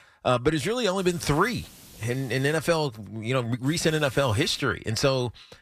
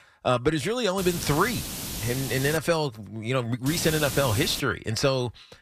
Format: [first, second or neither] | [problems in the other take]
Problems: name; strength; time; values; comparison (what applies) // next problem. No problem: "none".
first | hiss; loud; from 1 to 2.5 s and at 3.5 s; 7 dB below the speech; faint in the first